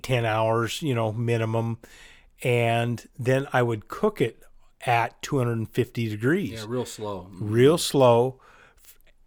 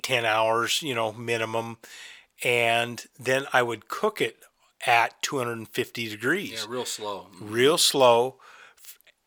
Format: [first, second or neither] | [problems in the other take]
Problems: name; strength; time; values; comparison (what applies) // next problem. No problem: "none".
first | thin; somewhat; fading below 900 Hz